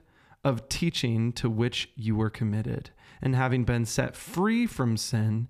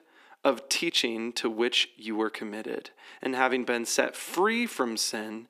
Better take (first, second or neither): first